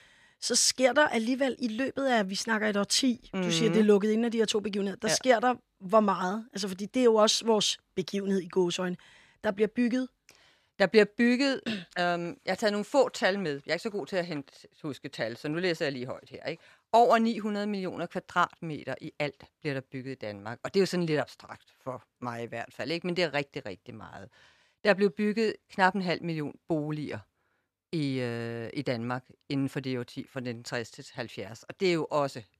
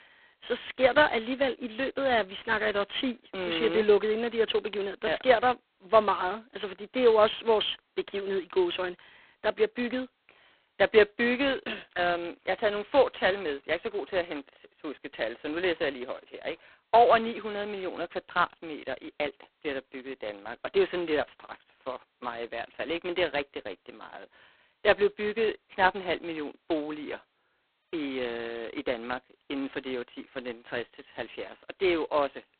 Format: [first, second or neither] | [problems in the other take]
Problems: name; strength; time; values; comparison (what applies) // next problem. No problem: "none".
first | phone-call audio; poor line; nothing above 4 kHz